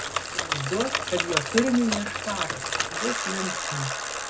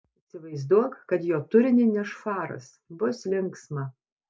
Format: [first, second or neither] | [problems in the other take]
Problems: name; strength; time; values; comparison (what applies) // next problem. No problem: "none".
second | background sound (Bicycle); as loud as the speech // room echo; dies away in 0.3 s